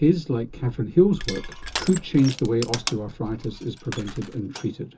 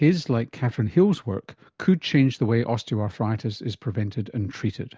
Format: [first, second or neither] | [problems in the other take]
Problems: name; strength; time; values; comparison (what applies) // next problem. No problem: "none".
second | background sound (Crushing); 11 dB below the speech // room echo; dies away in 0.2 s